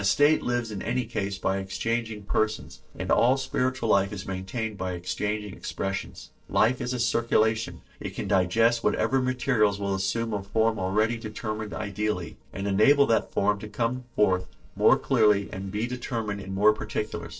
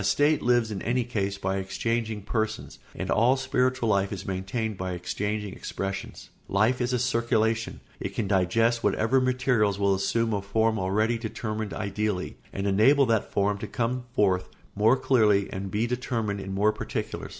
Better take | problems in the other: second | noise reduction (neural separator model SepFormer DNS4)

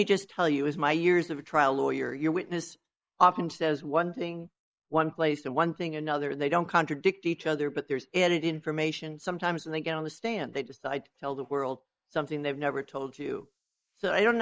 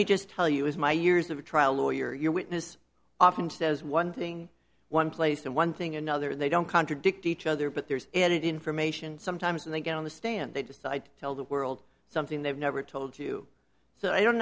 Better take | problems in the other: second | noise reduction (neural mask model Resemble Enhance denoiser)

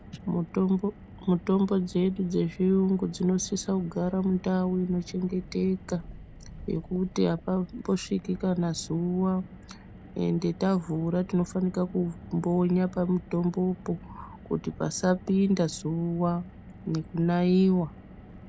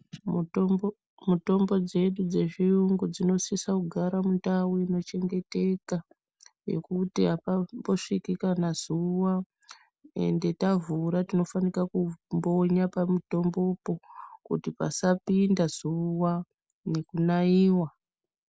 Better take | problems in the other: second | background sound (Car); 18 dB below the speech

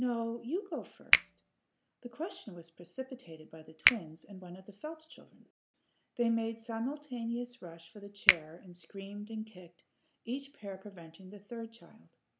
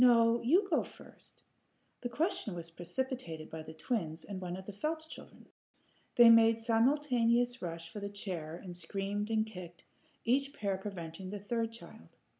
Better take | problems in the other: second | background sound (Finger snapping); 3 dB above the speech

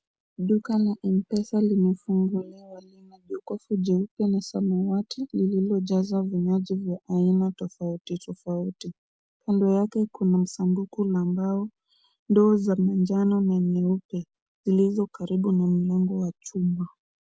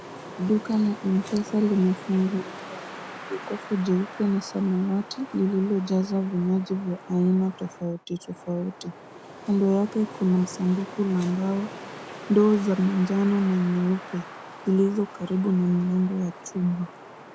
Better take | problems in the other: first | background sound (Wind); 15 dB below the speech

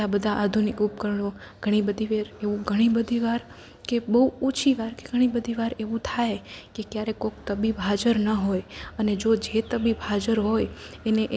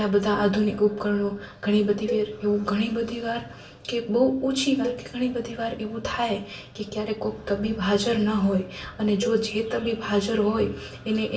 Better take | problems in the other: first | background sound (Cowbell); 13 dB below the speech // room echo; dies away in 0.3 s

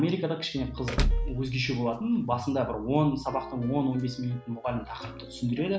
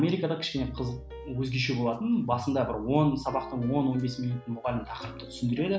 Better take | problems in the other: second | background sound (Door / Car); 1 dB below the speech

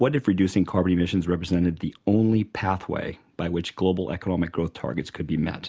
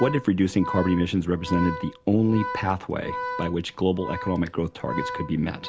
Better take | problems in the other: first | background sound (Organ); 10 dB below the speech

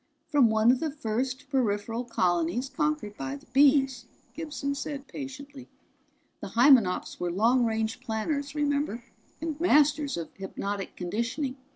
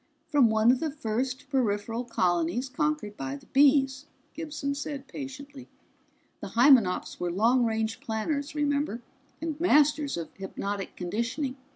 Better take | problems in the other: second | noise reduction (neural separator model SepFormer DNS4)

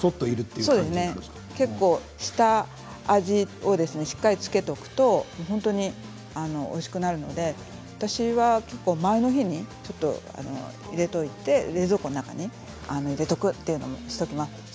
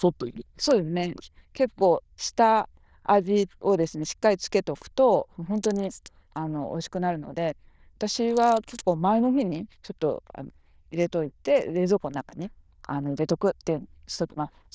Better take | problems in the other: first | noise reduction (neural diffusion model UNIVERSE++)

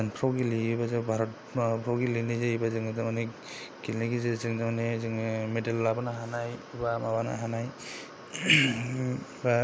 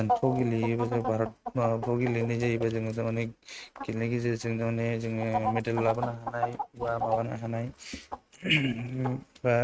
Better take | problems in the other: first | noise reduction (neural mask model RNNoise)

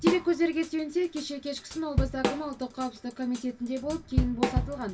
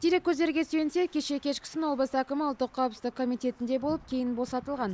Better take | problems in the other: second | background sound (Drum / Drum kit); 2 dB below the speech // room echo; dies away in 0.1 s

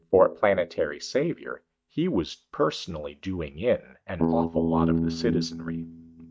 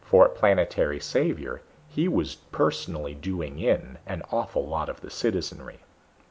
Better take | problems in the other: second | noise reduction (neural mask model DeepFilterNet 3)

